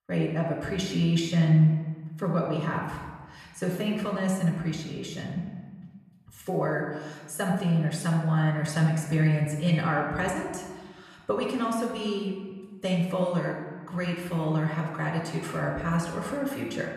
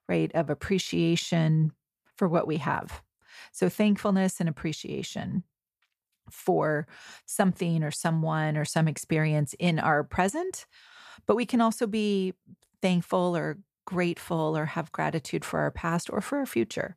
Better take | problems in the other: second | off-mic speech; somewhat distant // room echo; noticeable; dies away in 1.2 s

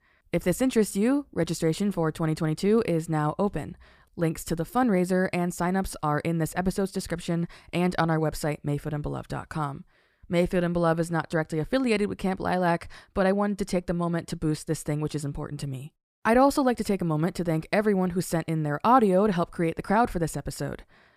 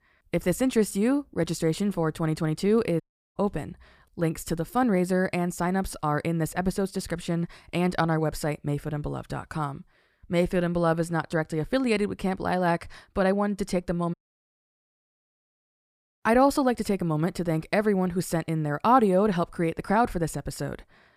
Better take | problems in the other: first | audio cutting out; at 3 s and at 14 s for 2 s

